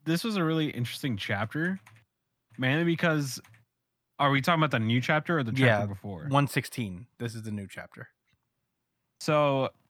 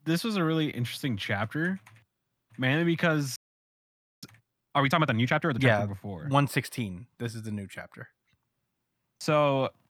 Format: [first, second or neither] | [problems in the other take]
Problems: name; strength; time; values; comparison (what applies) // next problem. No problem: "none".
first | audio freezing; at 3.5 s for 1 s